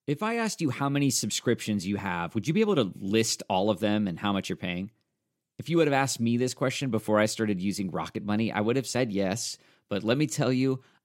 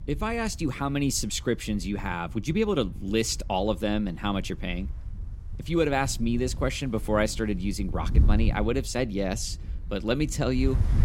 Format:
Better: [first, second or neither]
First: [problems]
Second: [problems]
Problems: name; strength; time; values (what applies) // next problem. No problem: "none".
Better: first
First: none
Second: wind noise on the microphone; occasional gusts; 20 dB below the speech